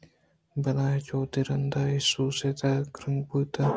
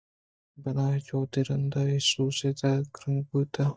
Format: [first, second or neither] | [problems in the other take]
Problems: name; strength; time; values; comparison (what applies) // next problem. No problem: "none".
first | noise reduction (neural mask model DeepFilterNet 3)